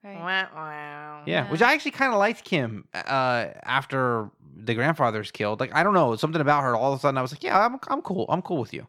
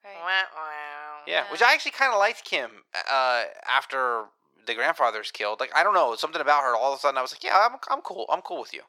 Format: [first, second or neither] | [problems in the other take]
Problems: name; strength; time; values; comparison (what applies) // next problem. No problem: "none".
first | thin; very; fading below 550 Hz